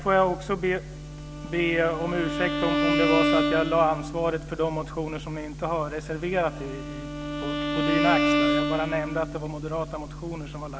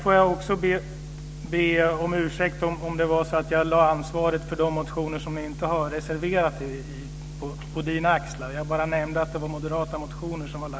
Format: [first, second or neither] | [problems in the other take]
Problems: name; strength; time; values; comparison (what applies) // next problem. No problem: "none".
second | background sound (Bowed string instrument); 1 dB below the speech